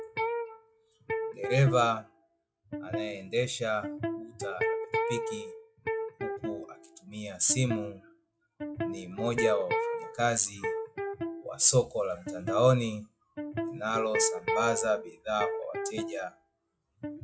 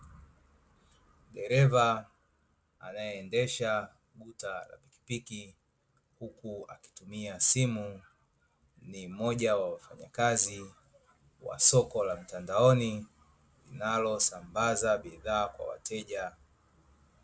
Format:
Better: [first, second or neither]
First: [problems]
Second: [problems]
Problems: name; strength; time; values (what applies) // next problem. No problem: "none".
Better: second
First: noise reduction (classical method log-MMSE)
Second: none